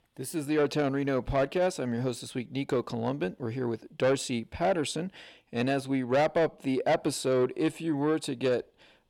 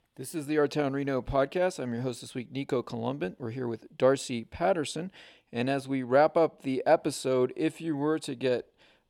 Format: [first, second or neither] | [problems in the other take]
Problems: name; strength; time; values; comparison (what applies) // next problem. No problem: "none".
second | distortion; slight; 10 dB below the speech